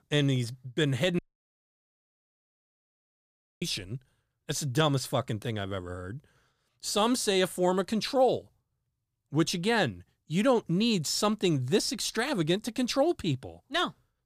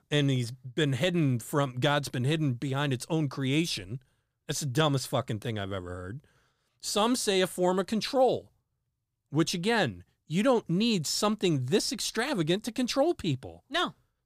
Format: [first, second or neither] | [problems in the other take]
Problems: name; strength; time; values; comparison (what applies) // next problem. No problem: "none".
second | audio cutting out; at 1 s for 2.5 s